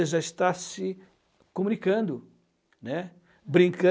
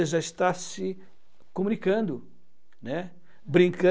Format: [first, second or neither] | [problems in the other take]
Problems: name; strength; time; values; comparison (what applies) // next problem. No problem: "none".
first | background sound (Mechanisms / Bicycle); 14 dB below the speech